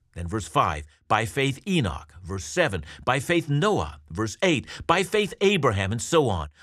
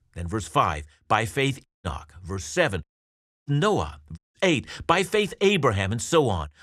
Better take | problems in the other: first | audio cutting out; at 1.5 s, at 3 s for 0.5 s and at 4 s

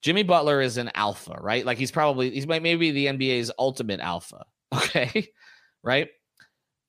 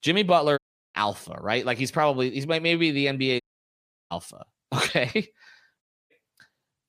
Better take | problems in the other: first | audio cutting out; at 0.5 s, at 3.5 s for 0.5 s and at 6 s

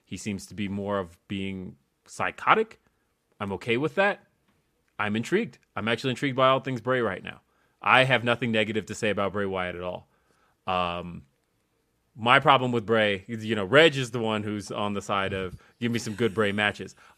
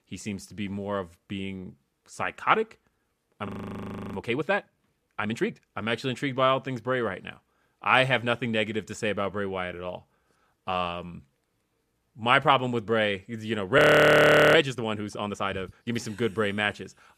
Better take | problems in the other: first | audio freezing; at 3.5 s for 0.5 s and at 14 s for 1 s

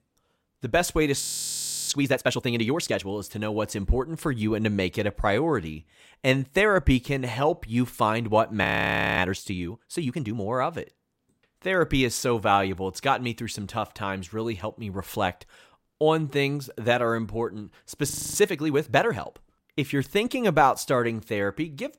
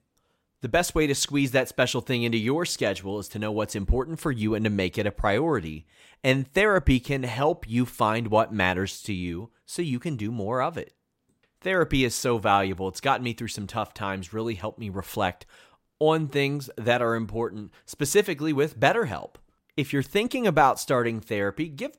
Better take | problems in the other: second | audio freezing; at 1 s for 0.5 s, at 8.5 s for 0.5 s and at 18 s

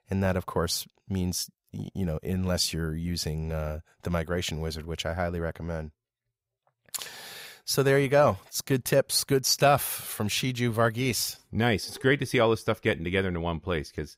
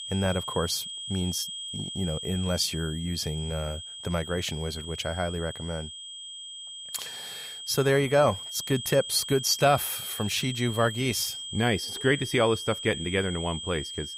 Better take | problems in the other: first | high-pitched whine; loud; throughout; 3 kHz, 8 dB below the speech

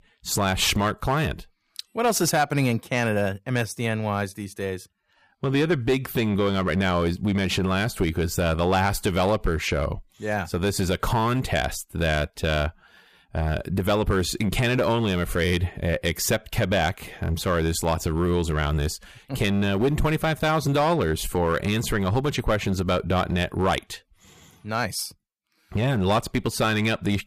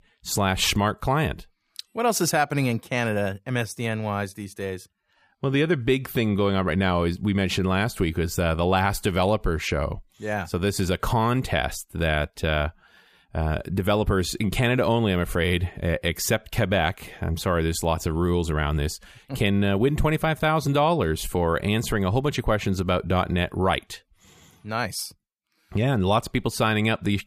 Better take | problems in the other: second | distortion; slight; 6% of the sound clipped

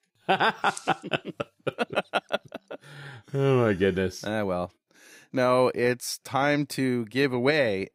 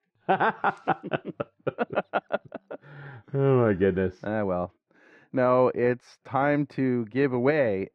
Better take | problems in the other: first | muffled; very; fading above 1.5 kHz

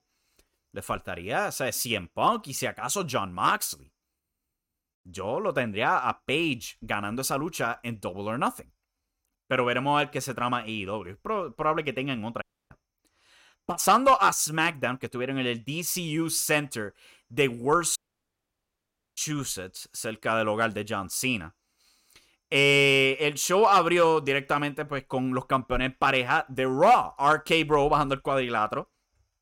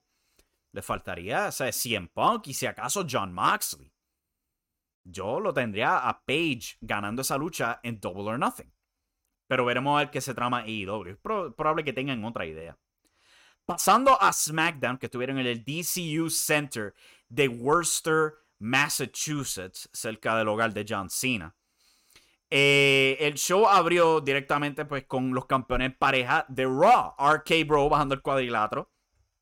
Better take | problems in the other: second | audio cutting out; at 12 s and at 18 s for 1 s

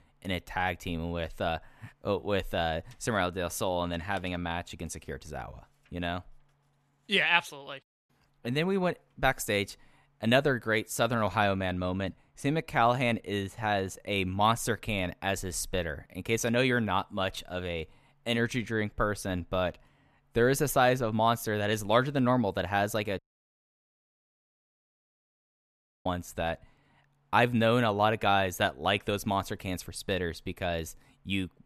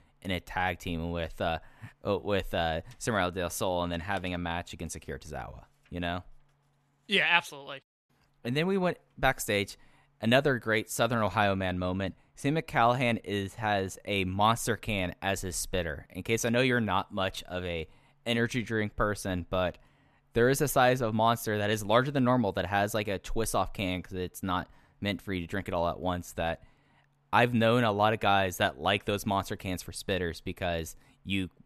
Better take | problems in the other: second | audio cutting out; at 23 s for 3 s

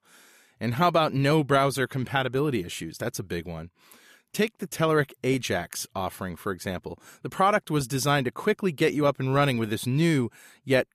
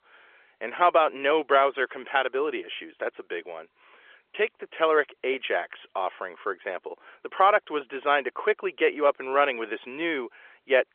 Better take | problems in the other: first | phone-call audio; nothing above 3.5 kHz

